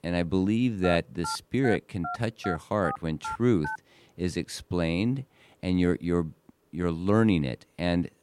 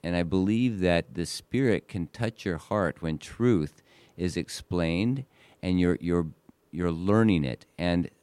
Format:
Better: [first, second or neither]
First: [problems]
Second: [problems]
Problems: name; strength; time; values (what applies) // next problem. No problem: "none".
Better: second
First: phone ringing; noticeable; from 1 to 4 s; peak 9 dB below the speech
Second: none